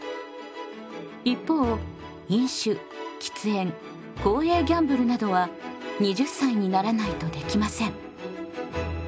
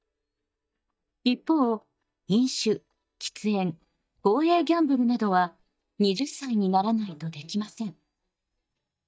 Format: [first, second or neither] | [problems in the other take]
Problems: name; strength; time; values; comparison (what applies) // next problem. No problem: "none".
first | noise reduction (neural mask model DeepFilterNet 3)